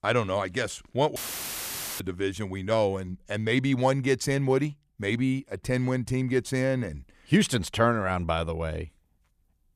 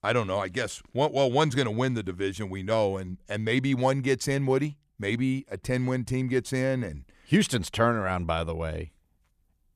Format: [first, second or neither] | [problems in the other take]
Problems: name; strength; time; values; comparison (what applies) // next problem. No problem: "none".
second | audio cutting out; filled with static; at 1 s for 1 s